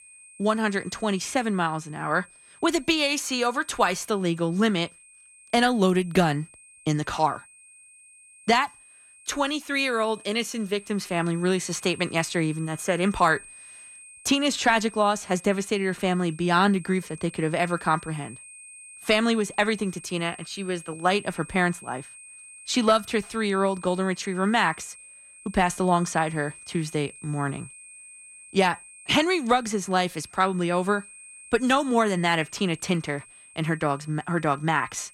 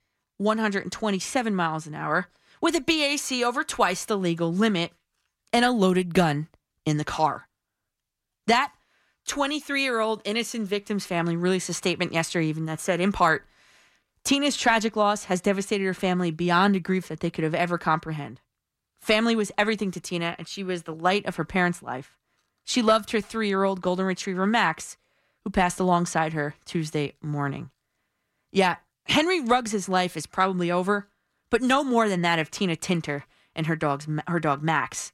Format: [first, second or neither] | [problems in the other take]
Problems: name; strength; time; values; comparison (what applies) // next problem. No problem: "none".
second | high-pitched whine; noticeable; throughout; 8.5 kHz, 20 dB below the speech